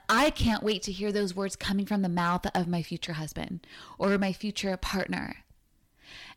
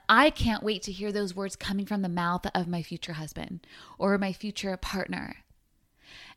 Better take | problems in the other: second | distortion; heavy; 3% of the sound clipped

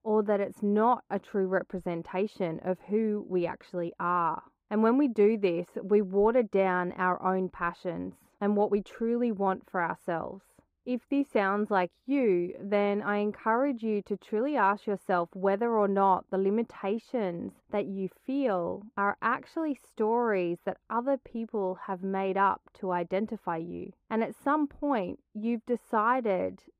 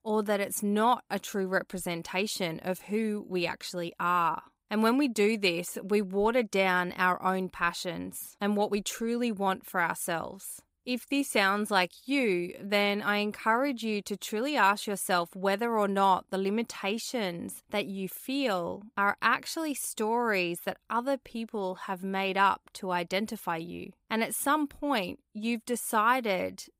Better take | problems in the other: second | muffled; very; fading above 3 kHz

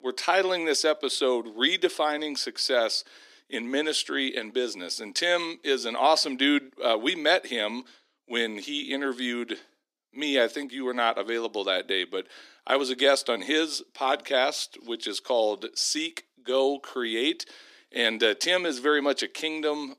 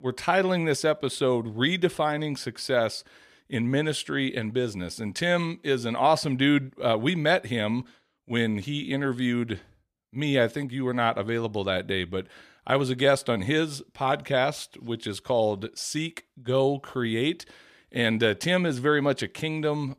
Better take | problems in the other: second | thin; very slightly; fading below 250 Hz

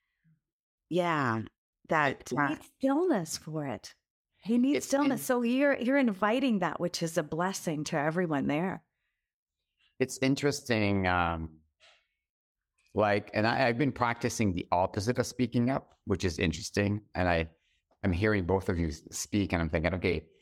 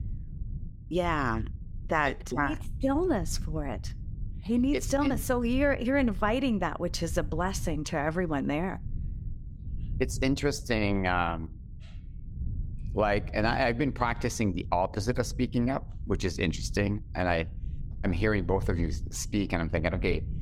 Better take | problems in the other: first | low rumble; faint; throughout; 25 dB below the speech

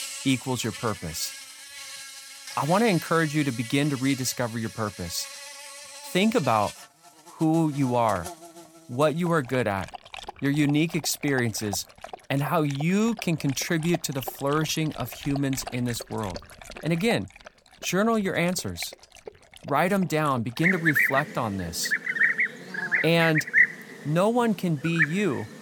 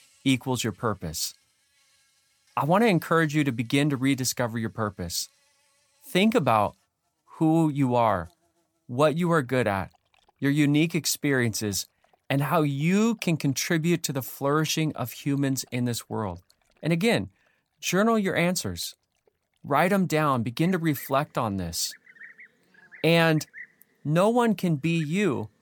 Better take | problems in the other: second | animal sounds; loud; throughout; 4 dB below the speech; faint in the second

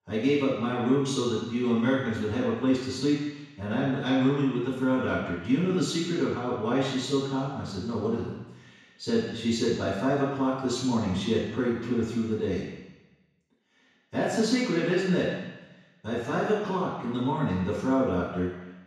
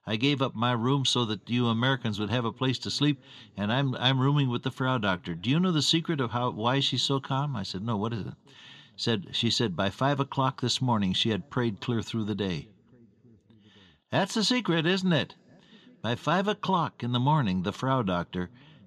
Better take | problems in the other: second | room echo; strong; dies away in 1.1 s; slight in the second // off-mic speech; far

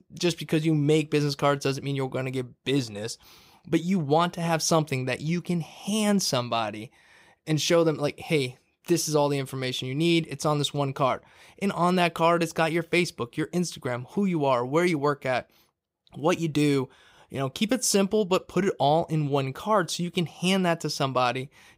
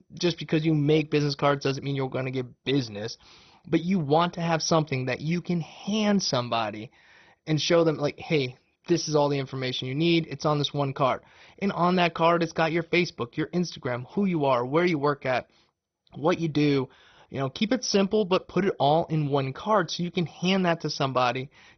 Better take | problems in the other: first | garbled, watery; badly; nothing above 6 kHz

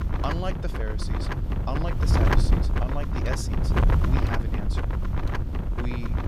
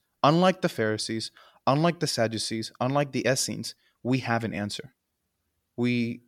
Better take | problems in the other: second | wind noise on the microphone; heavy; 3 dB above the speech

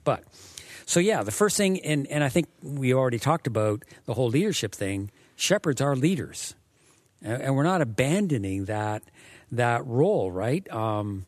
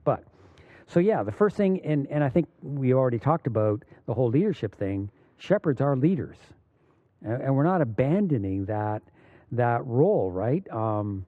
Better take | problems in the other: first | muffled; very; fading above 3.5 kHz

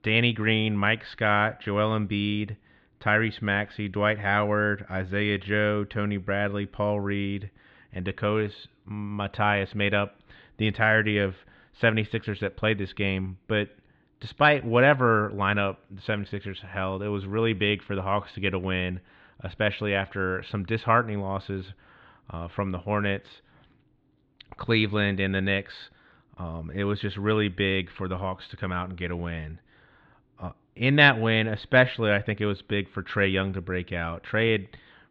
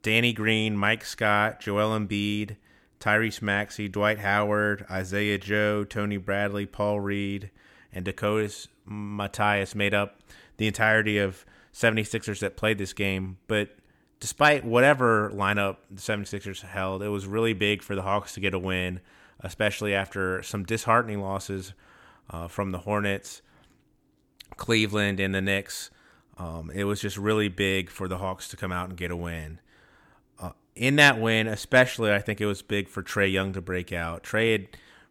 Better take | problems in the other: second | muffled; slightly; fading above 3.5 kHz

